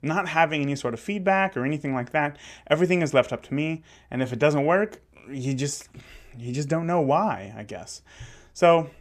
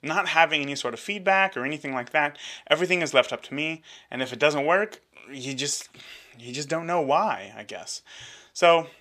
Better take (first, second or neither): first